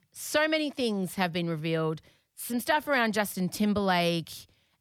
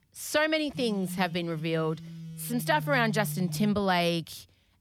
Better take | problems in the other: first | phone ringing; noticeable; from 0.5 to 4 s; peak 7 dB below the speech

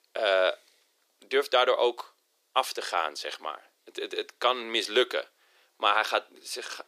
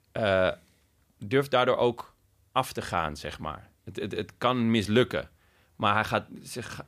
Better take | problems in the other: second | thin; very; fading below 350 Hz

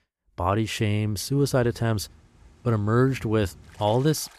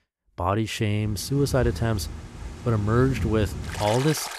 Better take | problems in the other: first | rain or running water; loud; from 1 s on; 9 dB below the speech; faint in the first

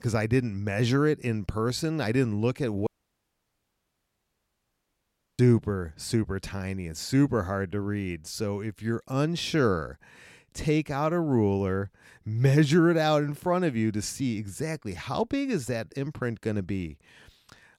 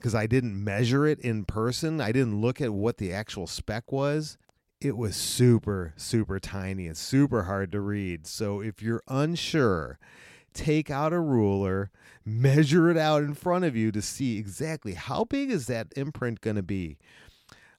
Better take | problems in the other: second | audio cutting out; at 3 s for 2.5 s

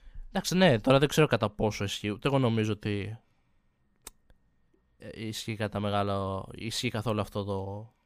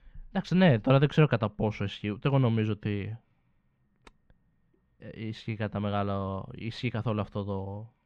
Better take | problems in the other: first | muffled; slightly; fading above 2.5 kHz

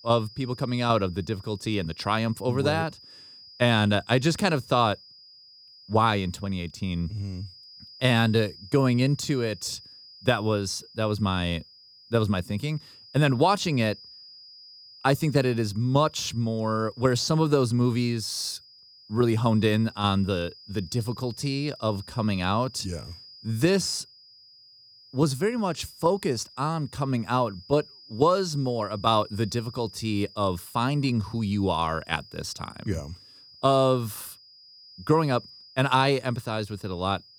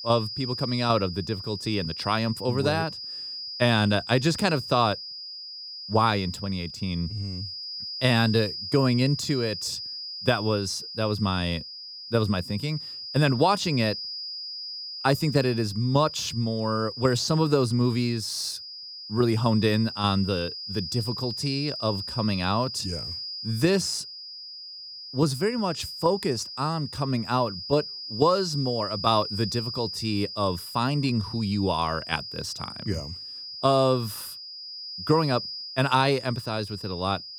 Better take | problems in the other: first | high-pitched whine; loud; throughout; 5 kHz, 8 dB below the speech; faint in the first

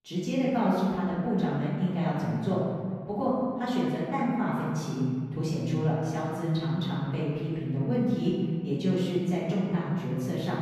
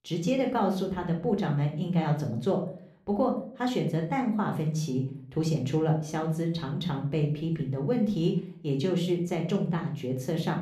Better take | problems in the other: second | room echo; strong; dies away in 1.9 s; slight in the second // off-mic speech; far; somewhat distant in the second

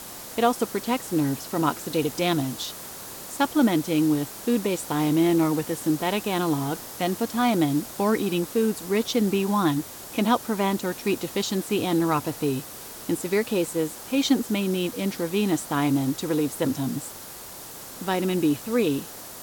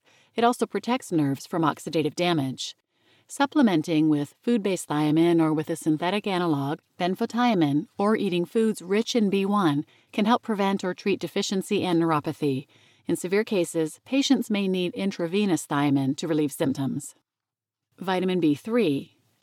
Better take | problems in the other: second | hiss; noticeable; throughout; 10 dB below the speech

